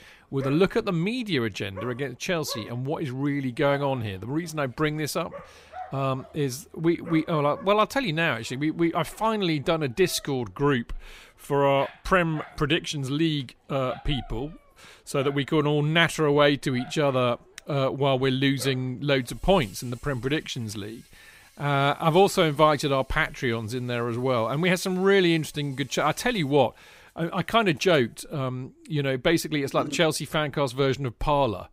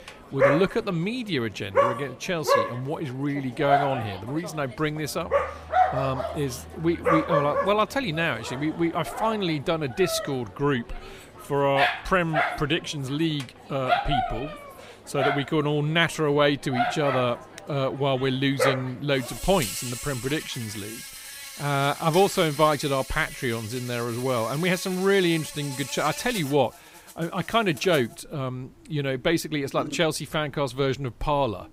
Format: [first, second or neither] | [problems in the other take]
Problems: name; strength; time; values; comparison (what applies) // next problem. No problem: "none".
first | animal sounds; loud; throughout; 3 dB below the speech; faint in the first